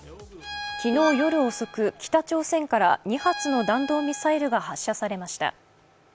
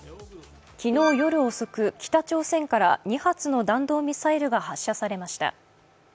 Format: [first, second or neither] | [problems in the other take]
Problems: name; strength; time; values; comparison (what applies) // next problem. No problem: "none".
second | background sound (Bowed string instrument); 14 dB below the speech